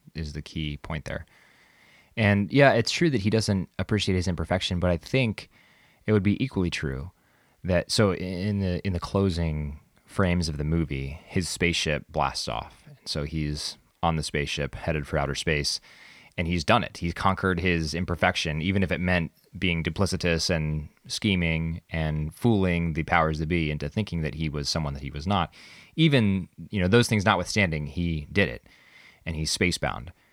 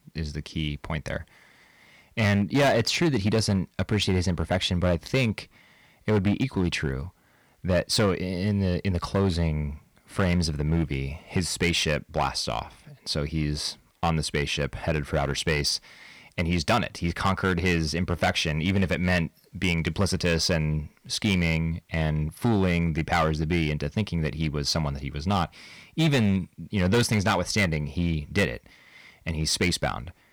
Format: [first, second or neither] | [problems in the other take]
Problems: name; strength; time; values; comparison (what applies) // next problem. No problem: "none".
first | distortion; slight; 5% of the sound clipped